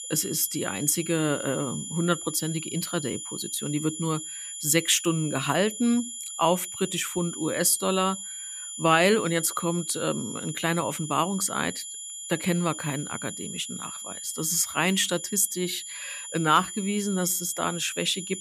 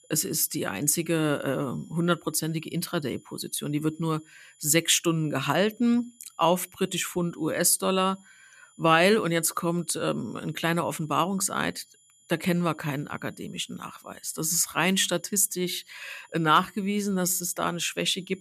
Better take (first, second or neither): second